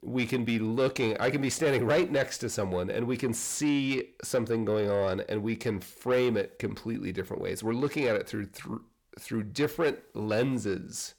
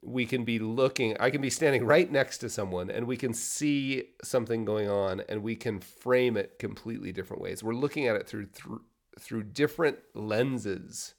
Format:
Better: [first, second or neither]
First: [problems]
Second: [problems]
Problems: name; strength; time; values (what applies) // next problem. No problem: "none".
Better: second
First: distortion; slight; 10 dB below the speech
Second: none